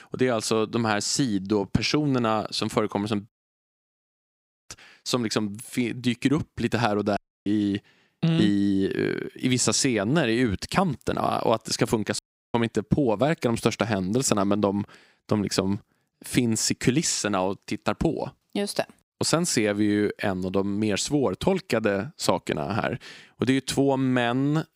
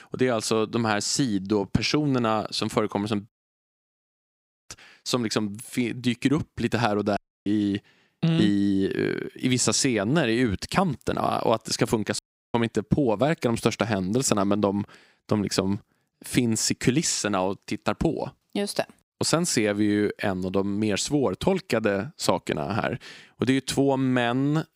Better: neither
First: audio cutting out; at 3.5 s for 1.5 s, at 7 s and at 12 s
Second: audio cutting out; at 3.5 s for 1.5 s, at 7 s and at 12 s

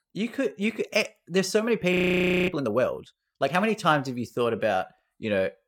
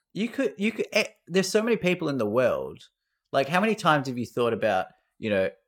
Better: second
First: audio freezing; at 2 s for 0.5 s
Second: none

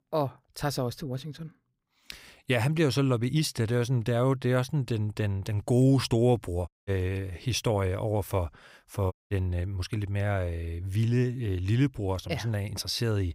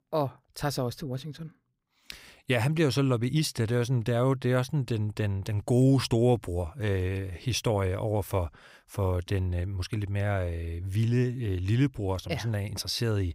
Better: second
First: audio cutting out; at 6.5 s and at 9 s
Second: none

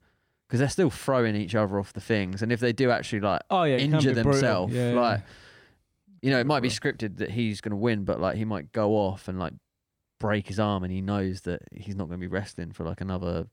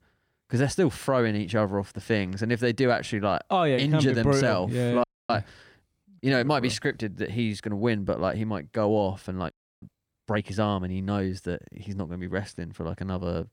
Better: first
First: none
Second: audio freezing; at 5 s and at 9.5 s

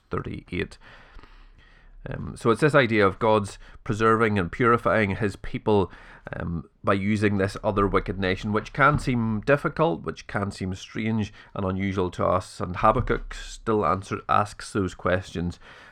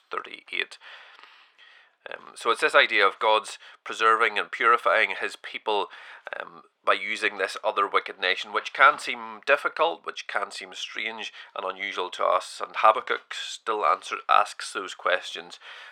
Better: first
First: none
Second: thin; very; fading below 600 Hz

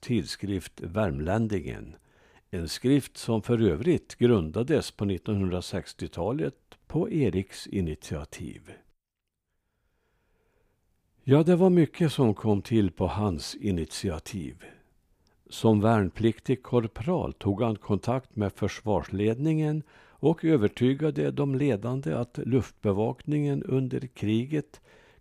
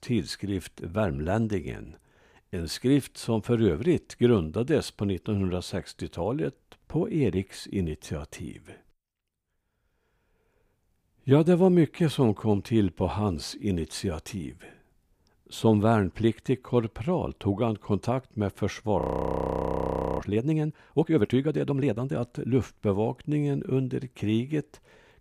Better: first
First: none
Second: audio freezing; at 19 s for 1 s

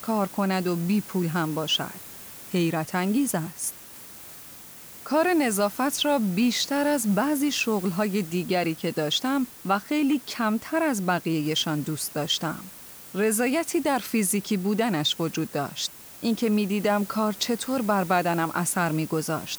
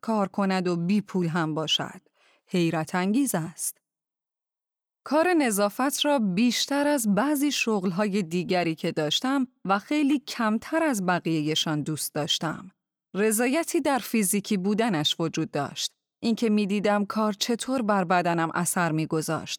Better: second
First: hiss; noticeable; throughout; 15 dB below the speech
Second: none

